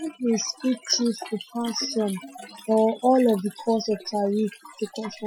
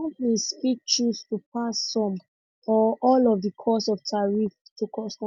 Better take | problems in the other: second | noise reduction (classical method Wiener filter)

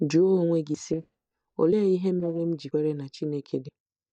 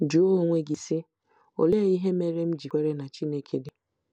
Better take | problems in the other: second | noise reduction (neural mask model DeepFilterNet 3)

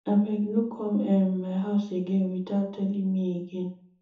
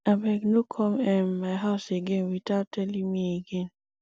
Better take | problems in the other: second | room echo; dies away in 1 s

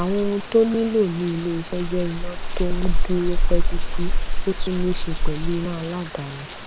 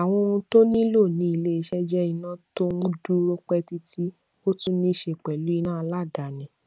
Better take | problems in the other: second | background sound (Rain); 4 dB above the speech

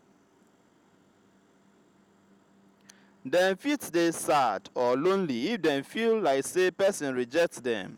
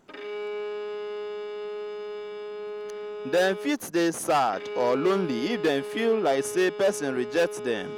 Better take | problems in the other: first | background sound (Bowed string instrument); 7 dB below the speech

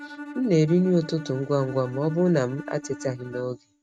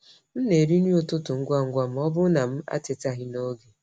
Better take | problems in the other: second | noise reduction (neural mask model RNNoise)

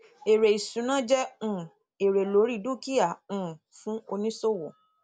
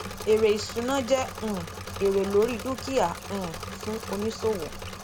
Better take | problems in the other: first | background sound (Engine / Mechanisms); 10 dB below the speech

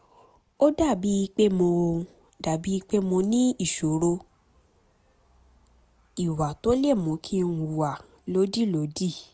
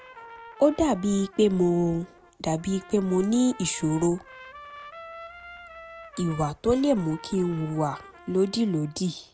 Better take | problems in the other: first | background sound (Trumpet); 19 dB below the speech

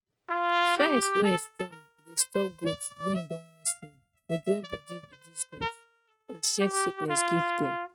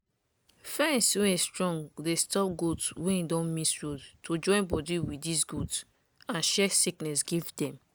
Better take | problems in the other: second | noise reduction (neural mask model RNNoise)

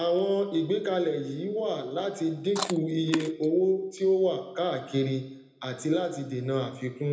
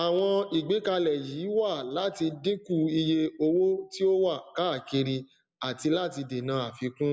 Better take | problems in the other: second | background sound (Chewing, mastication); 9 dB below the speech // room echo; dies away in 0.7 s

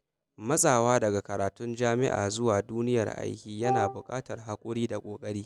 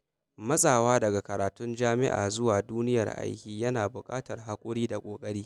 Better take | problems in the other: second | background sound (Wind instrument, woodwind instrument); 3 dB below the speech

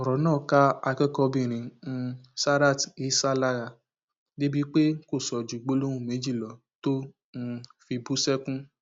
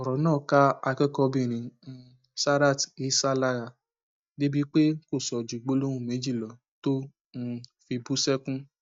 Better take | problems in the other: first | noise reduction (neural mask model DeepFilterNet 3)

